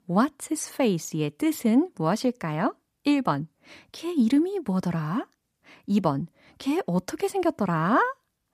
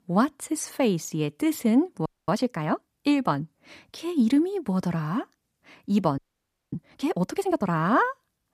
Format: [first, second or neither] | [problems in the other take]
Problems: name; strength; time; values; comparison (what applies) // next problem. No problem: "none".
first | audio freezing; at 2 s and at 6 s for 0.5 s